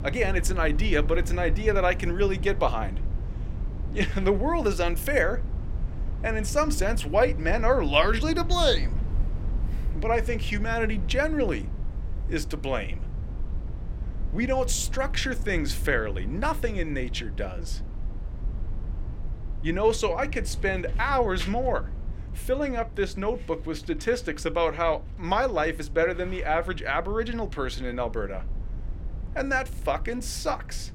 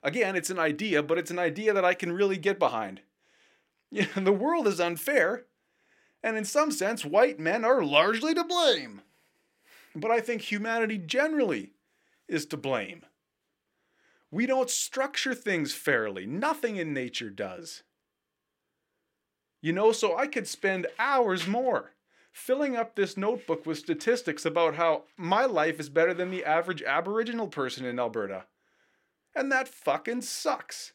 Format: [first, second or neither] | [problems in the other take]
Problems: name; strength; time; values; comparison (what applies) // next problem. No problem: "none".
second | low rumble; faint; throughout; 20 dB below the speech